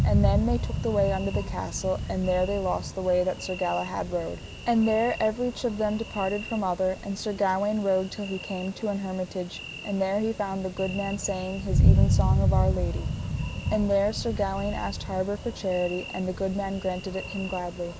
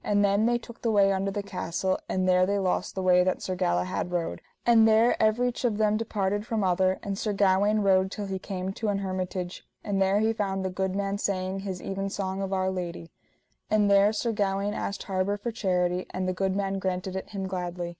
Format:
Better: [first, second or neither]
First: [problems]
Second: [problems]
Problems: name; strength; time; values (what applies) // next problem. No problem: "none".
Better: second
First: background sound (Thunder); 1 dB below the speech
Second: none